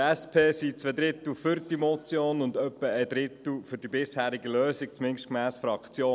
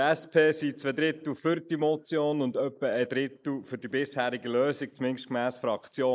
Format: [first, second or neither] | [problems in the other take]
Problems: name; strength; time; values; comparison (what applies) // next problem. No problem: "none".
first | noise reduction (neural mask model Resemble Enhance denoiser)